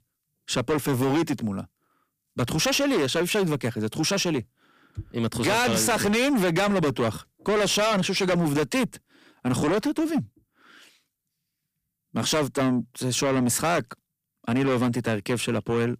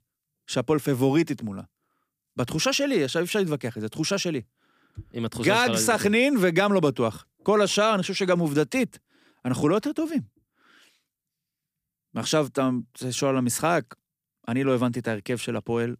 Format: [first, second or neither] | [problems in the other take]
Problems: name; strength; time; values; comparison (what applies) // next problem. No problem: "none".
second | distortion; heavy; 7 dB below the speech